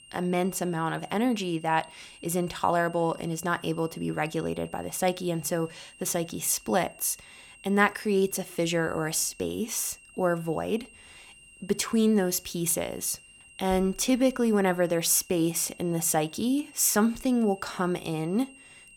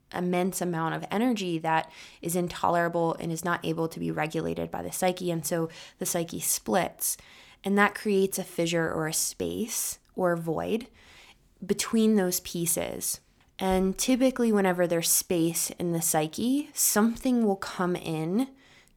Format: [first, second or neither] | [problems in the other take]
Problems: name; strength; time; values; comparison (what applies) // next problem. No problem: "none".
second | high-pitched whine; faint; throughout; 3 kHz, 25 dB below the speech